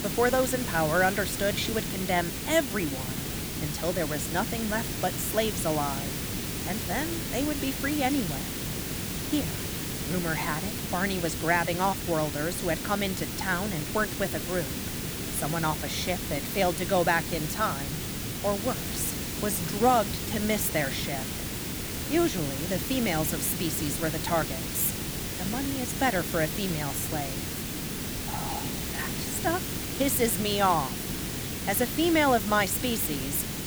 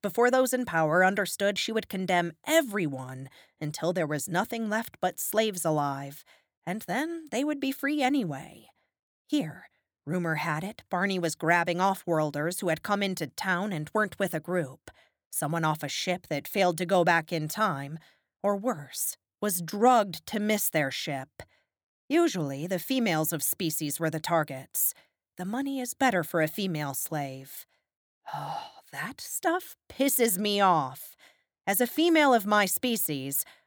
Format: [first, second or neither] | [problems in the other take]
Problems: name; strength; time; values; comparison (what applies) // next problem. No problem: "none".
second | hiss; loud; throughout; 3 dB below the speech